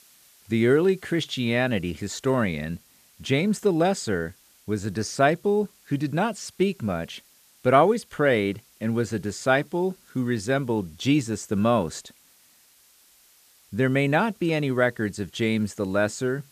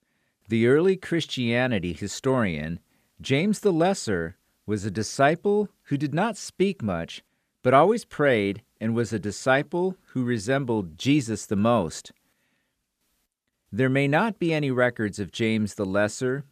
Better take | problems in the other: second | hiss; faint; throughout; 30 dB below the speech

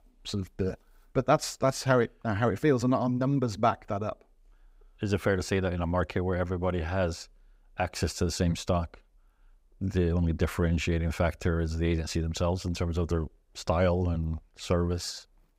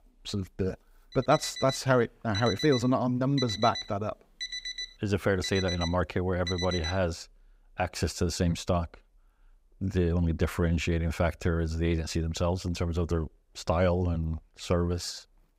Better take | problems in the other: first | alarm; noticeable; from 1 to 7 s; peak 4 dB below the speech

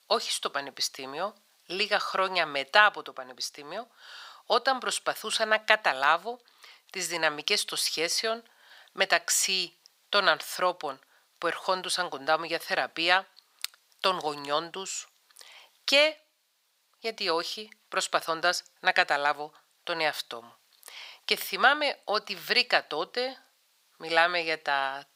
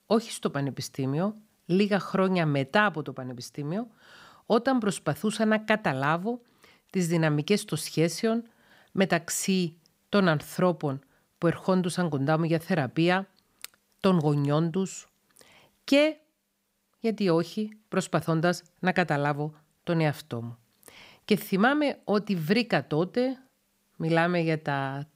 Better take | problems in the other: second | thin; very; fading below 850 Hz

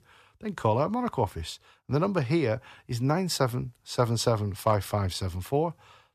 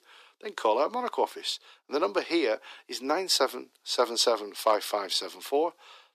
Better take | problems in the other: first | thin; very; fading below 300 Hz

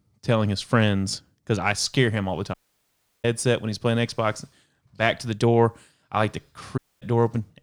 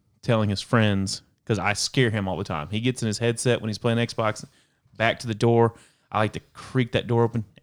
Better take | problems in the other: second | audio cutting out; at 2.5 s for 0.5 s and at 7 s

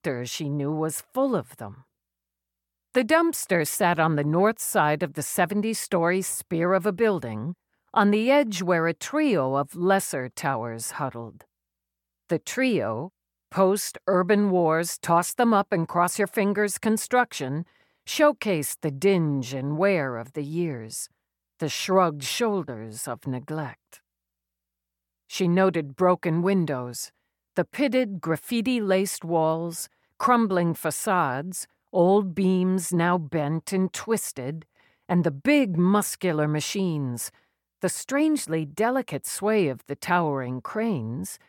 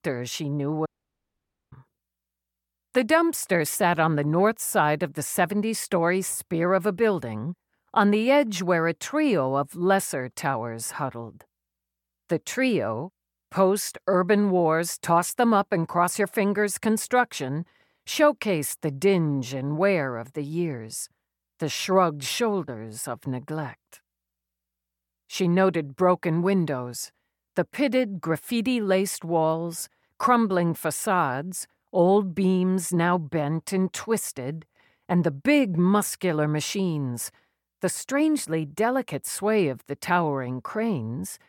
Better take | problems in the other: first | audio cutting out; at 1 s for 1 s

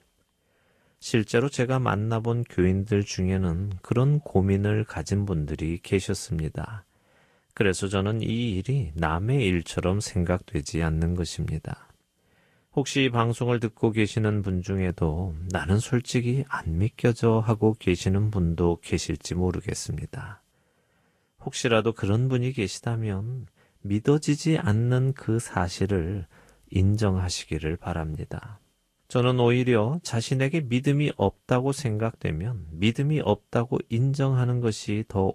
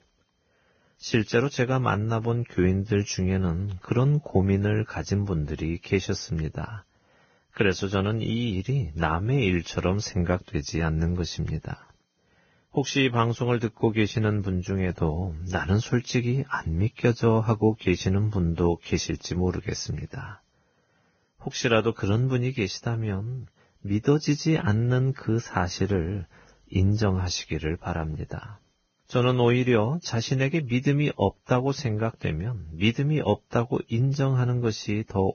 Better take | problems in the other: first | garbled, watery; badly; nothing above 6.5 kHz; slightly in the first

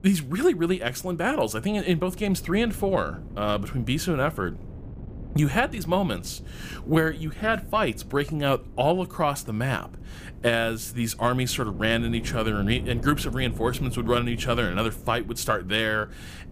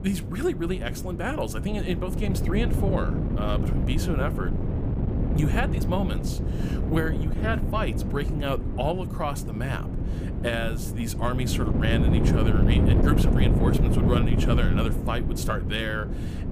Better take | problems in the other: first | wind noise on the microphone; heavy; 4 dB below the speech; occasional gusts in the first

